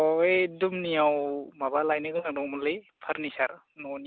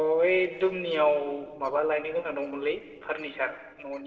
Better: first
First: none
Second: noise reduction (neural separator model SepFormer DNS4)

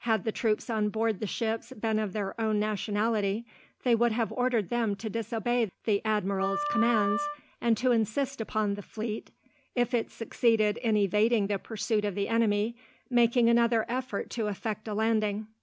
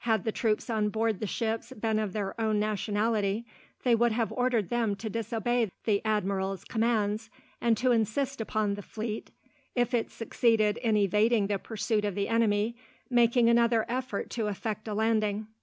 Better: second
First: background sound (Wind instrument, woodwind instrument); 5 dB below the speech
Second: none

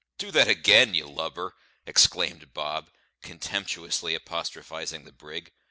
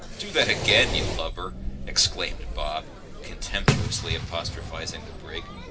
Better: first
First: none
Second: background sound (Fireworks); 2 dB below the speech // room echo; dies away in 0.4 s

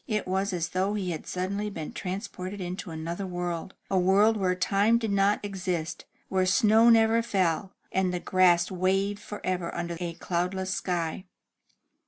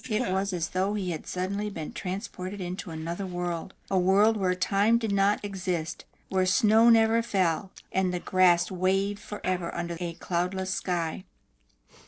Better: first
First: none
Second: noise reduction (neural separator model SepFormer DNS4)

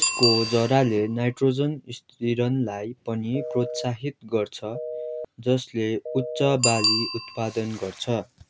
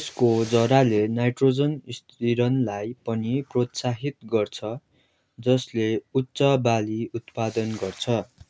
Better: second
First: background sound (Bicycle bell + Telephone); 6 dB below the speech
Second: none

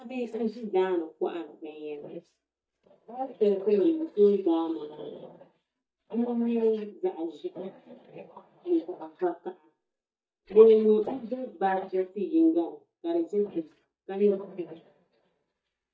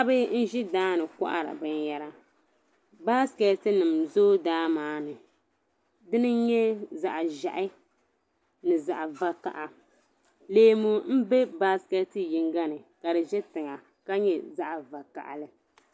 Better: second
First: noise reduction (neural mask model DeepFilterNet 3)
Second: none

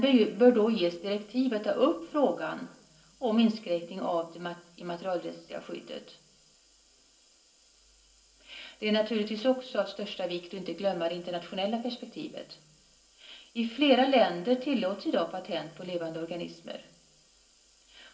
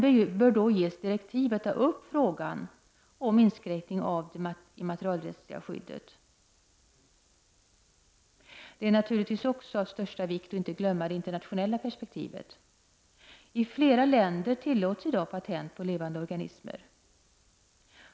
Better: second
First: room echo; dies away in 0.2 s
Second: none

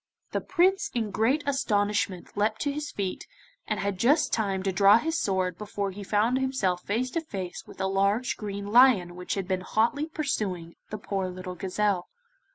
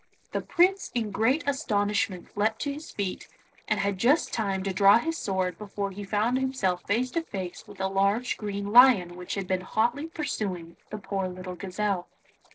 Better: first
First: none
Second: noise reduction (neural separator model SepFormer DNS4)

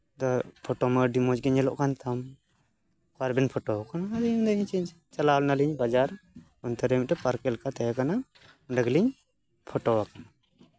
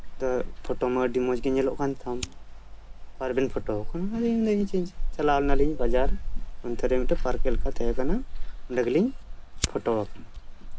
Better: first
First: none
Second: background sound (Fire); 1 dB above the speech // room echo; dies away in 0.3 s

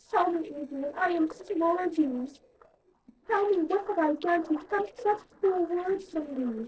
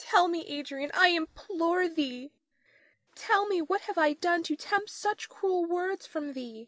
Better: second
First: noise reduction (neural separator model SepFormer DNS4)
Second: none

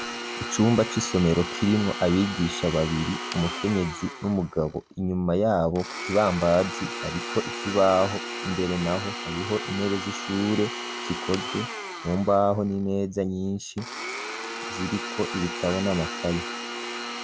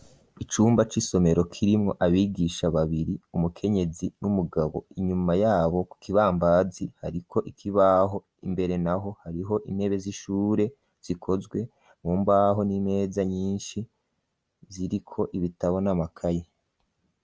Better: second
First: background sound (Domestic sounds, home sounds); 8 dB below the speech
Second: none

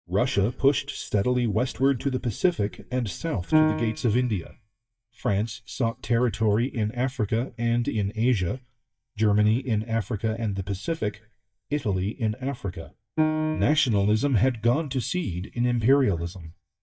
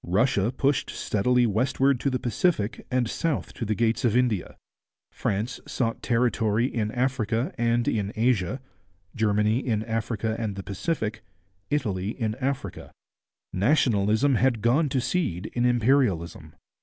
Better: second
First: noise reduction (neural mask model DeepFilterNet 3)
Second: none

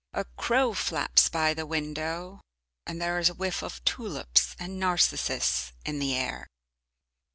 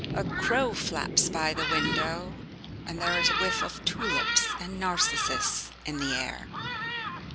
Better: first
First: none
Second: background sound (Thunderstorm); 1 dB below the speech

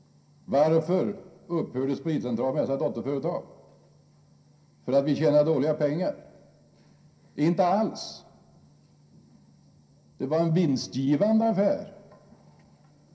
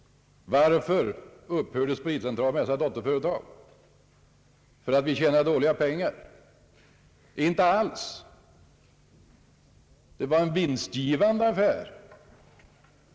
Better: second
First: room echo; dies away in 0.3 s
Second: none

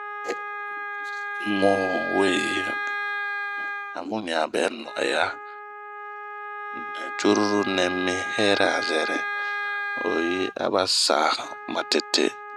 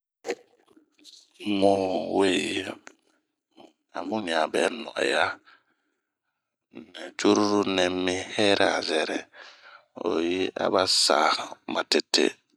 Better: second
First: background sound (Wind instrument, woodwind instrument); 5 dB below the speech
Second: none

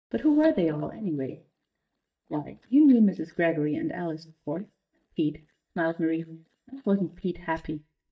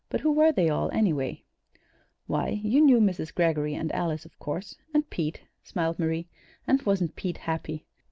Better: second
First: noise reduction (neural mask model DeepFilterNet 3)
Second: none

